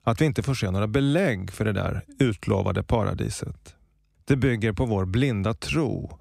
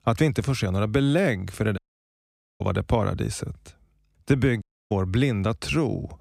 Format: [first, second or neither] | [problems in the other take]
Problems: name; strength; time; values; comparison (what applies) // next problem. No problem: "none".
first | audio cutting out; at 2 s for 1 s and at 4.5 s